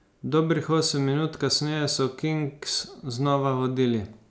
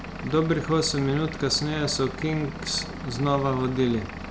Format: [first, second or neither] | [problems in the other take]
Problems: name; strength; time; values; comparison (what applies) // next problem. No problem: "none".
first | background sound (Engine / Vehicle); 10 dB below the speech